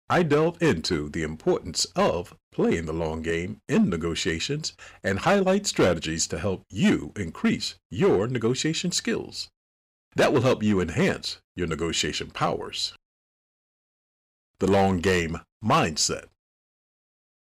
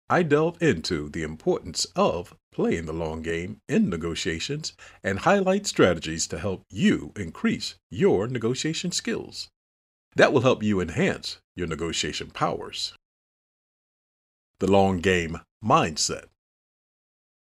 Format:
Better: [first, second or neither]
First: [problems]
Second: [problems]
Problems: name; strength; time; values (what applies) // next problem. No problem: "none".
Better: second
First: distortion; slight; 3% of the sound clipped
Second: none